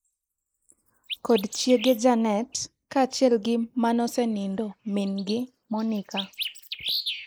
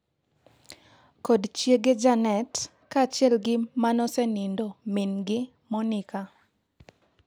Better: second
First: noise reduction (neural mask model Resemble Enhance denoiser)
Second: none

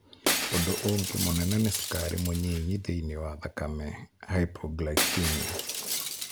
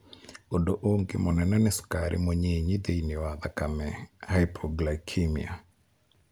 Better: second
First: background sound (Shatter); 3 dB below the speech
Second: none

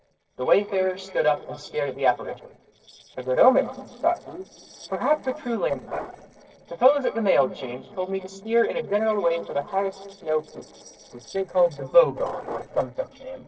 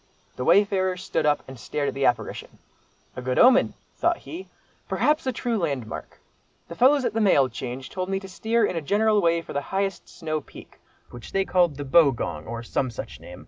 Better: second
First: noise reduction (neural separator model SepFormer DNS4)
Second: none

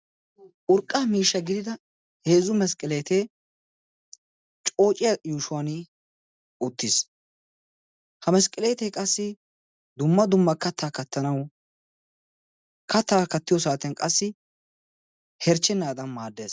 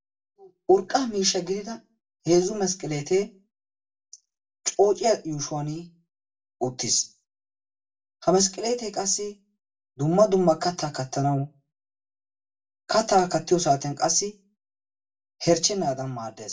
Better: first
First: none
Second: room echo; dies away in 0.2 s

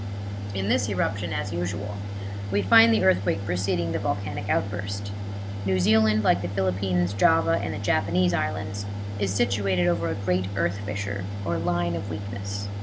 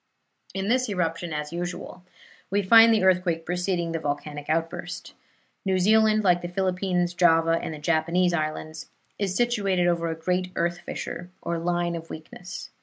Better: second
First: background sound (Mechanical fan); 4 dB below the speech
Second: none

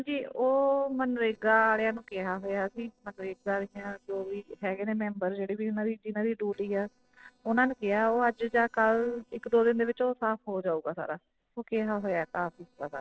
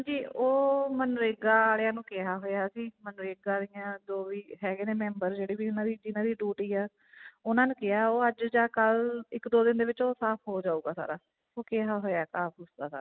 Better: second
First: noise reduction (neural separator model SepFormer DNS4)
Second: none

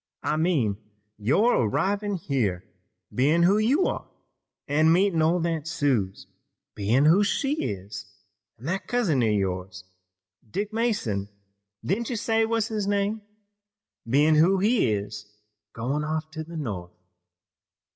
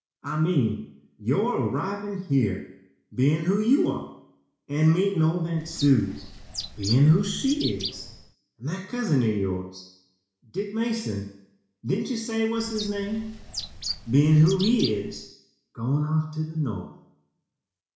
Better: first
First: none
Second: background sound (Bird); 11 dB below the speech // room echo; dies away in 0.7 s

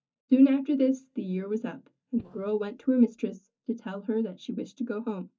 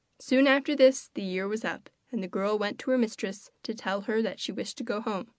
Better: second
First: noise reduction (neural mask model DeepFilterNet 3)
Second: none

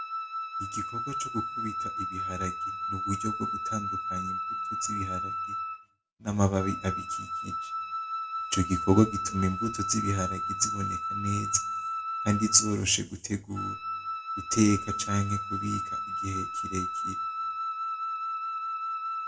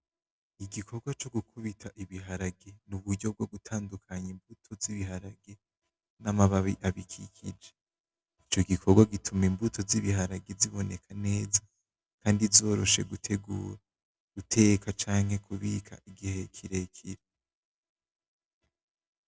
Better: second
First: background sound (Wind instrument, woodwind instrument); 2 dB below the speech // room echo; dies away in 0.3 s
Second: none

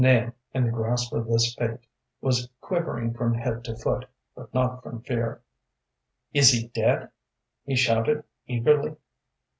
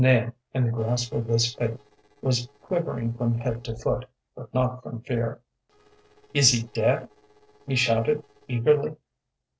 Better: first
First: none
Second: noise reduction (neural separator model SepFormer DNS4)

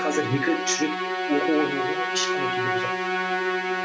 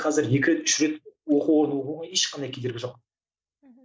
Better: second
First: background sound (Musical instrument); 2 dB above the speech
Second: none

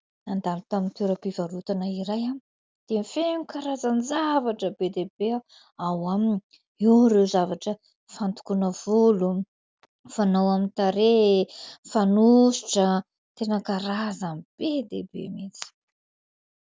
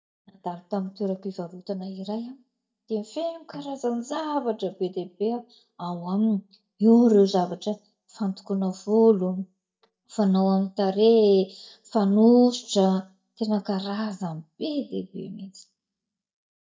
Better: first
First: none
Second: noise reduction (neural mask model DeepFilterNet 3)

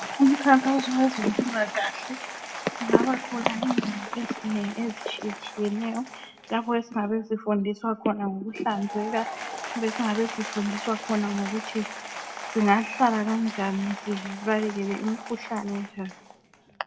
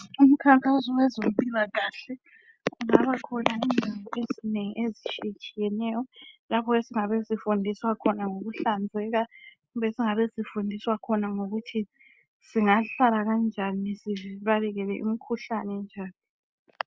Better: second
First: background sound (Applause / Crowd); 11 dB below the speech // room echo; dies away in 1 s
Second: none

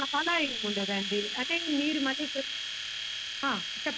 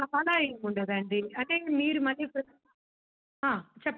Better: second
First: background sound (Domestic sounds, home sounds); 3 dB below the speech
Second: none

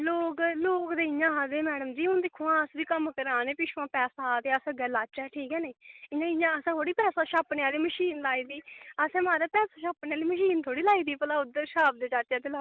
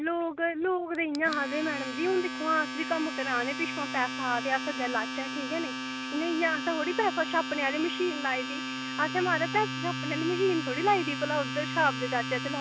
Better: first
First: none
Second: background sound (Domestic sounds, home sounds); 5 dB below the speech

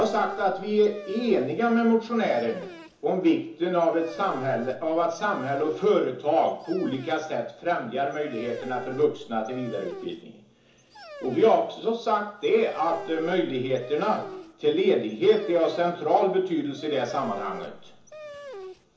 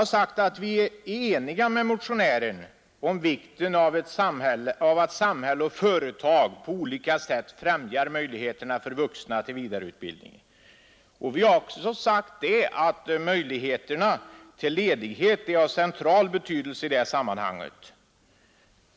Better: second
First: background sound (Dog); 17 dB below the speech // room echo; dies away in 0.7 s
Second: none

